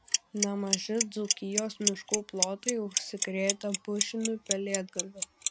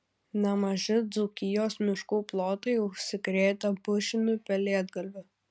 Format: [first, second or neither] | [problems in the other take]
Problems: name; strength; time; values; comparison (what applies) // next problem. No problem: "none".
second | background sound (Clock); 1 dB above the speech